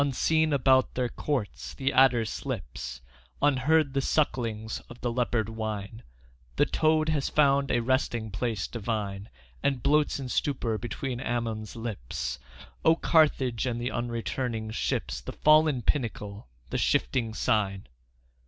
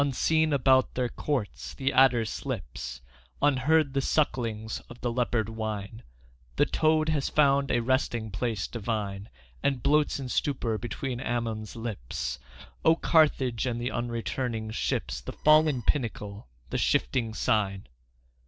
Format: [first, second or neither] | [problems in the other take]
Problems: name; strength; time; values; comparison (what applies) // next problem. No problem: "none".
first | noise reduction (neural separator model SepFormer DNS4)